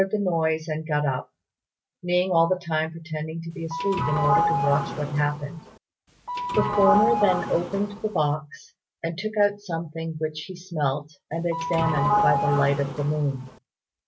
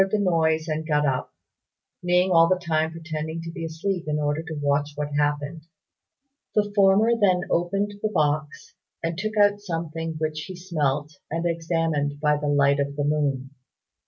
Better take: second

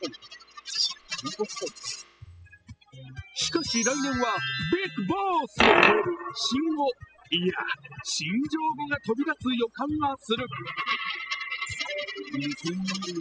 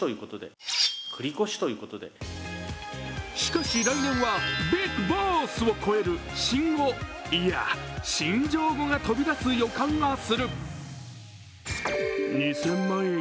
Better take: second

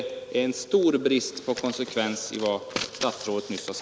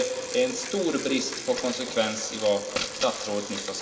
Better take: first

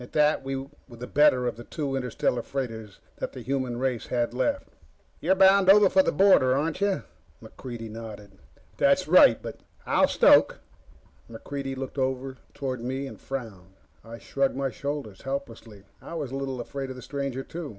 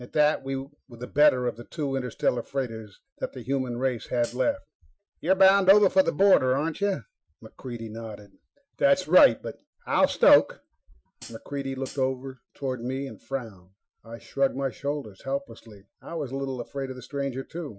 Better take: first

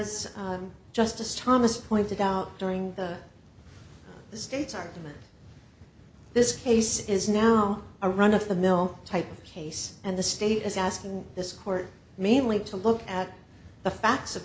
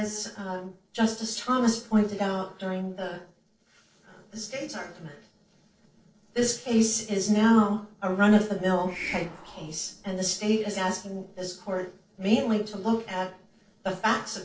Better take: first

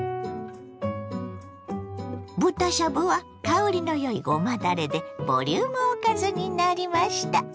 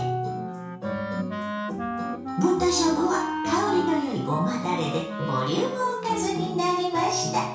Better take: first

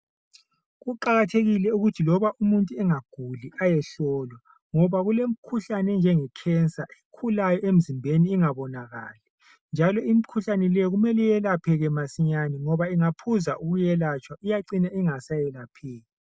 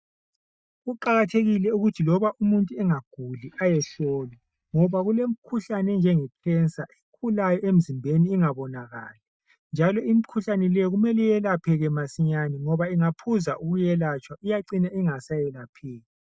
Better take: first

